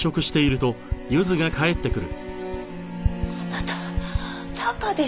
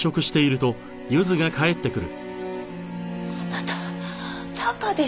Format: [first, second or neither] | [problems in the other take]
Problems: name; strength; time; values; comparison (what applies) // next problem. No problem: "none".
second | background sound (Typing); 7 dB below the speech